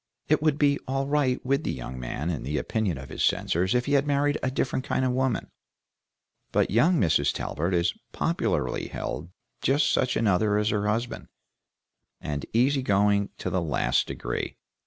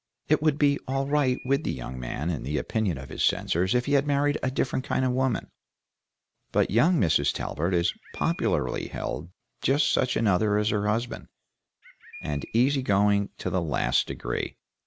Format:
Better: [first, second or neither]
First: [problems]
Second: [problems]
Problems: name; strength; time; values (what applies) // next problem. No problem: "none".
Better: first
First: none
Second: background sound (Bird); 19 dB below the speech